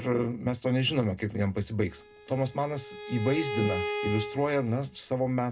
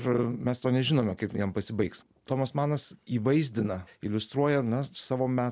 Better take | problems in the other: second | background sound (Bowed string instrument); 8 dB below the speech // room echo; dies away in 0.2 s

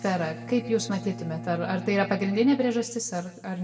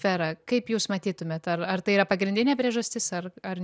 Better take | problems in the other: second | background sound (Bowed string instrument); 13 dB below the speech // room echo; dies away in 0.9 s

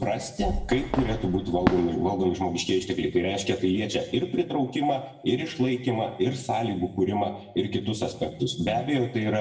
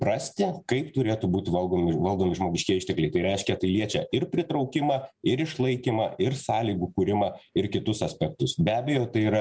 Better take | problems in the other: second | background sound (Fireworks); 6 dB below the speech // room echo; dies away in 0.7 s

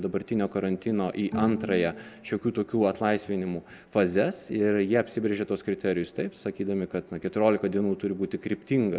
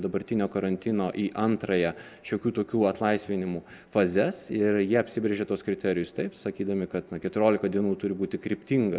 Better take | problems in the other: second | background sound (Bowed string instrument); 11 dB below the speech

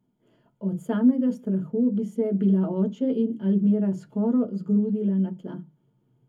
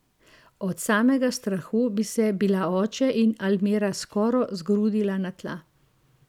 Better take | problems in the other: second | room echo; dies away in 0.3 s

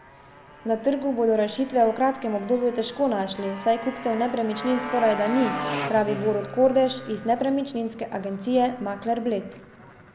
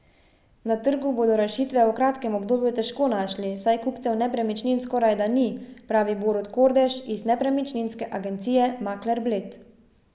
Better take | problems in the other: second | background sound (Motorcycle); 12 dB below the speech

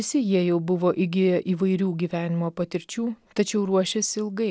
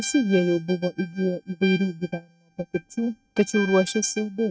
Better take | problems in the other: first | noise reduction (neural mask model RNNoise)

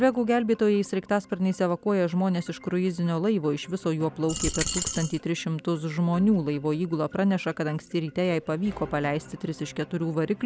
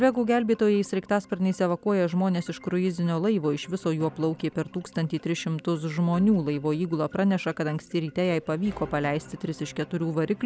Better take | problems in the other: second | background sound (Coin (dropping)); 5 dB below the speech

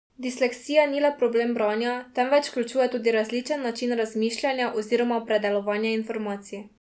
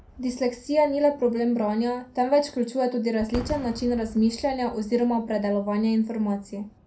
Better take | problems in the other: first | background sound (Fireworks); 19 dB below the speech // room echo; dies away in 0.2 s

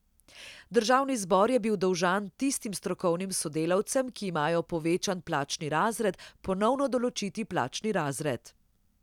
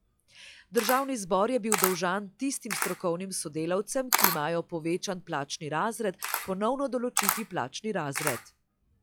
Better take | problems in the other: first | noise reduction (classical method log-MMSE)

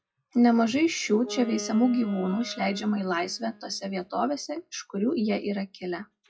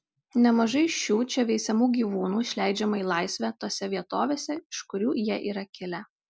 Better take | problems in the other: second | noise reduction (classical method WPE with log-MMSE)

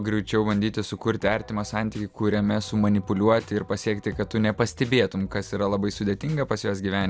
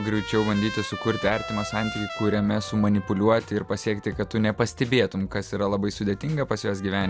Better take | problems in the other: first | background sound (Trumpet); 14 dB below the speech

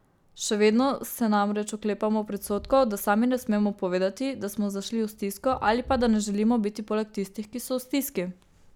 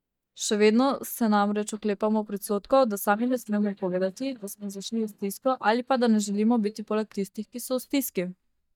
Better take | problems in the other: first | noise reduction (neural mask model DeepFilterNet 3)

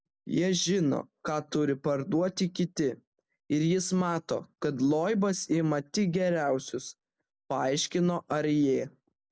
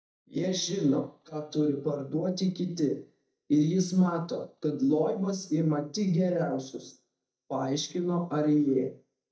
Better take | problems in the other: first | noise reduction (neural mask model DeepFilterNet 3)

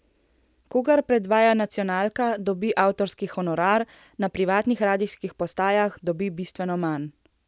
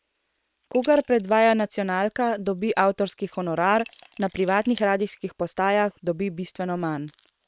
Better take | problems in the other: first | noise reduction (neural separator model SepFormer WHAM!)

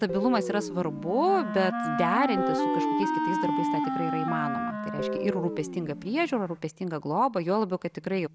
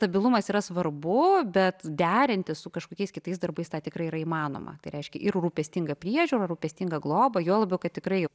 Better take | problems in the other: second | background sound (Wind instrument, woodwind instrument + Guitar); 2 dB below the speech

